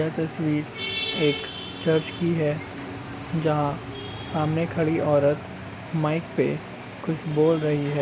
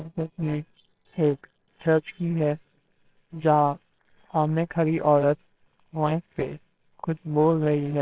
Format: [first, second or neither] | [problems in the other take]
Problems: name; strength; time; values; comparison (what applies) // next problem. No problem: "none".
first | noise reduction (neural separator model SepFormer WHAMR!)